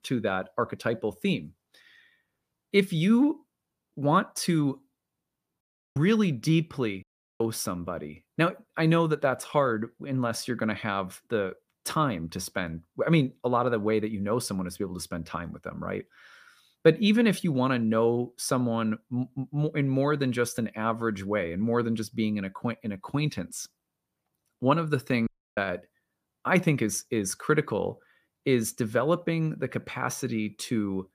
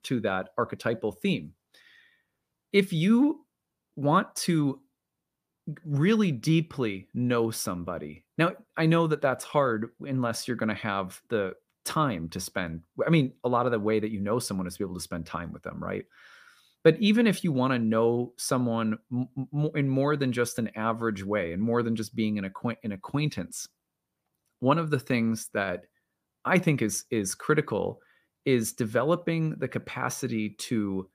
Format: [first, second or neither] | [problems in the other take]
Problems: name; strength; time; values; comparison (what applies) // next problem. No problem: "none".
second | audio cutting out; at 5.5 s, at 7 s and at 25 s